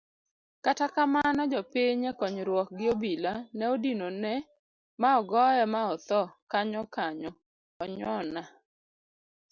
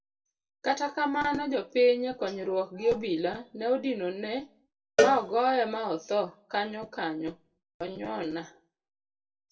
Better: first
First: none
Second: background sound (Cowbell); 2 dB below the speech // room echo; dies away in 0.2 s

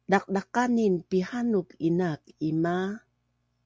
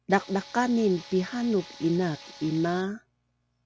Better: first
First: none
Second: background sound (Tools); 19 dB below the speech

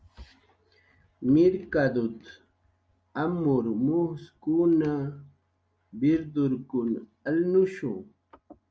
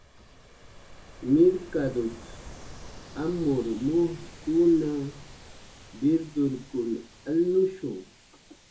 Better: first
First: none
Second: background sound (Ocean); 18 dB below the speech // room echo; dies away in 0.2 s

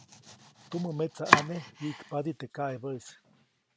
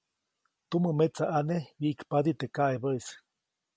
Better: second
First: background sound (Domestic sounds, home sounds); 3 dB above the speech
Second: none

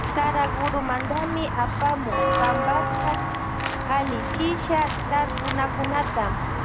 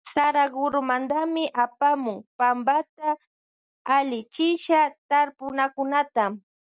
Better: second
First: background sound (Walk, footsteps / Bell); as loud as the speech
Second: none

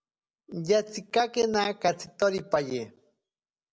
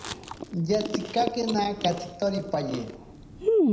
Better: first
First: none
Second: background sound (Chewing, mastication); 1 dB below the speech // room echo; dies away in 0.8 s

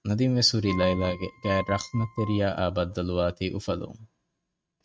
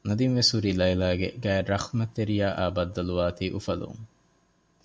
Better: second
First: noise reduction (neural mask model RNNoise)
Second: none

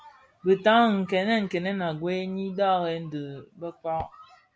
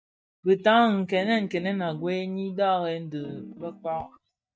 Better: first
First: none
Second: noise reduction (neural mask model DeepFilterNet 3)

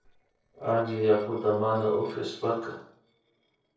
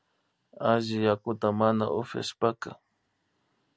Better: second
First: noise reduction (neural separator model SepFormer DNS4)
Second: none

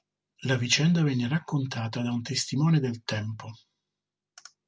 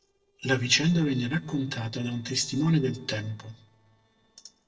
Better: first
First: none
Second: noise reduction (neural separator model SepFormer DNS4)

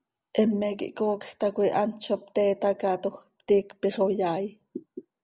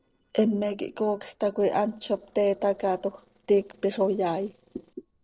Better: first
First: none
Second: noise reduction (neural separator model SepFormer DNS4)

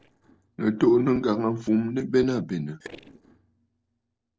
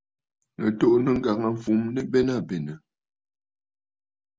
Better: second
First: noise reduction (neural separator model SepFormer DNS4)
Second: none

